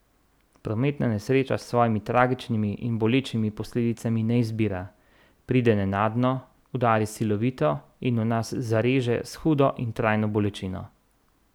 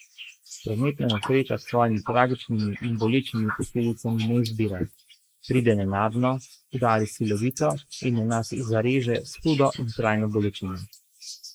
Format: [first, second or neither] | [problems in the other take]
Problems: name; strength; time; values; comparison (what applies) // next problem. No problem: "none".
first | noise reduction (neural mask model Resemble Enhance denoiser)